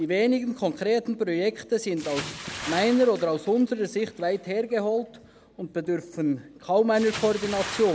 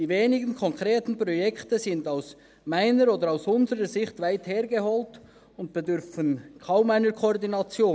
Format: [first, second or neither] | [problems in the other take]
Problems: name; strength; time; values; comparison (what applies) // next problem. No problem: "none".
second | background sound (Bathtub (filling or washing) / Splash, splatter); 15 dB below the speech